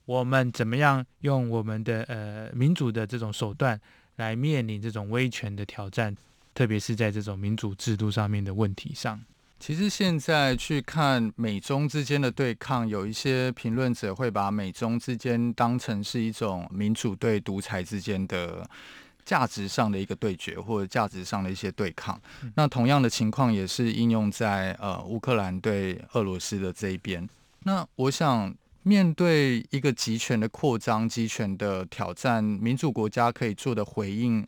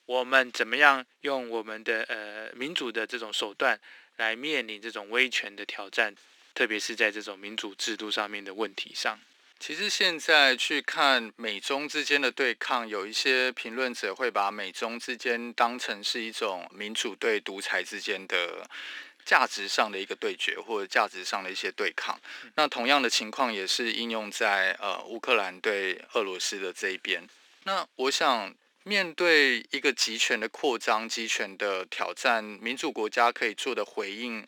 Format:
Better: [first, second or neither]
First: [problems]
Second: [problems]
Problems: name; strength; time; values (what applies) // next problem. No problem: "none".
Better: first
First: none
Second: thin; very; fading below 300 Hz